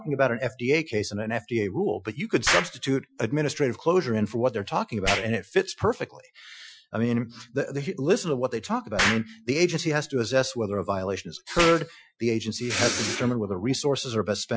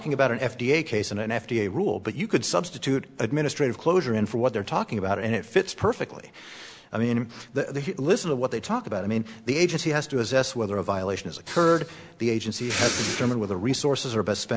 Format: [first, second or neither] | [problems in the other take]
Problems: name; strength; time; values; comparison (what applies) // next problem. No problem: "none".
second | noise reduction (classical method Wiener filter)